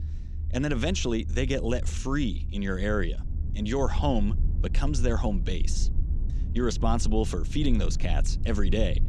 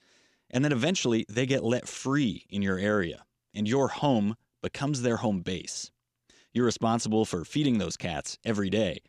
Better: second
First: low rumble; noticeable; throughout; 15 dB below the speech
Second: none

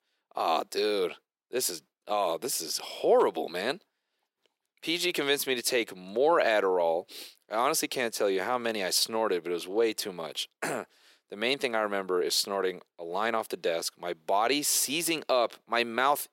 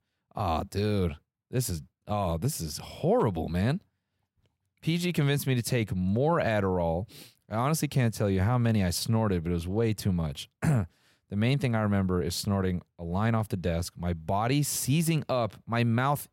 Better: second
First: thin; very; fading below 350 Hz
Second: none

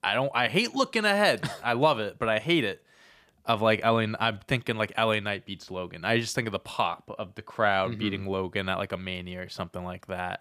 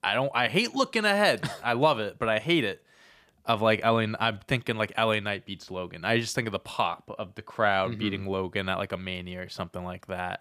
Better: neither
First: none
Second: none

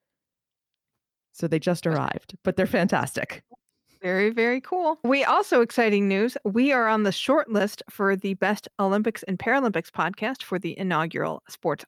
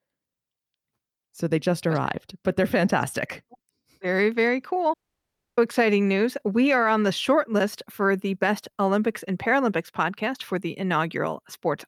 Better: first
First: none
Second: audio cutting out; at 5 s for 0.5 s

